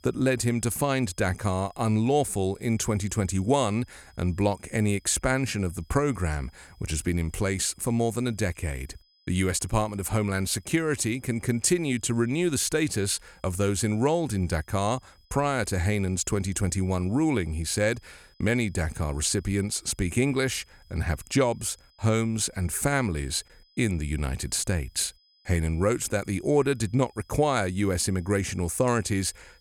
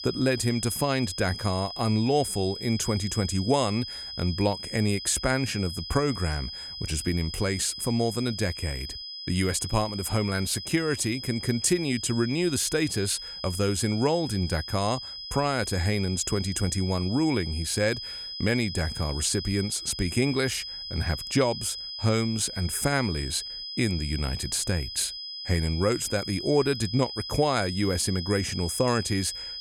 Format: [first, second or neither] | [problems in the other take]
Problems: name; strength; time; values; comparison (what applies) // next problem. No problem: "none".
first | high-pitched whine; loud; throughout; 5 kHz, 8 dB below the speech; faint in the first